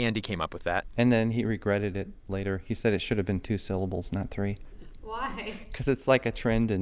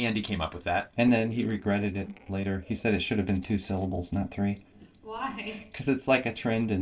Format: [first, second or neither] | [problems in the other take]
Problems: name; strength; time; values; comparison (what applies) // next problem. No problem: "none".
first | noise reduction (neural separator model SepFormer DNS4)